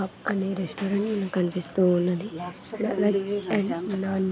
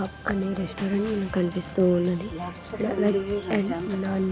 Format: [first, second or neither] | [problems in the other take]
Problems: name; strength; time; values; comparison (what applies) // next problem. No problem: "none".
first | background sound (Organ); 15 dB below the speech